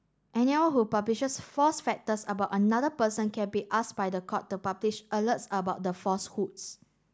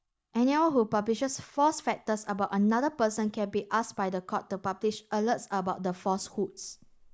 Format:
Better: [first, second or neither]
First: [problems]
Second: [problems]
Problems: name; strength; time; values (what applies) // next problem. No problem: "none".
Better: first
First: none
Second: noise reduction (neural mask model Resemble Enhance denoiser)